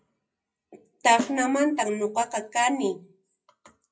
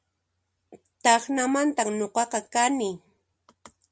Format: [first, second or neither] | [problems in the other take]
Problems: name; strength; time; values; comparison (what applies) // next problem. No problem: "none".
second | noise reduction (classical method WPE with log-MMSE)